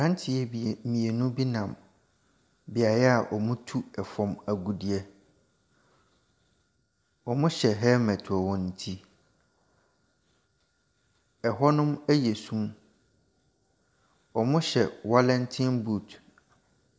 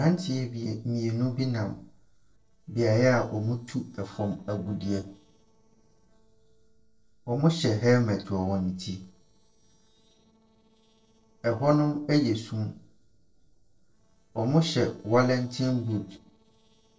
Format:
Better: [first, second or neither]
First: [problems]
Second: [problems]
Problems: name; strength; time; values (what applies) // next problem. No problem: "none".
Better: first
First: none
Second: noise reduction (neural separator model SepFormer DNS4)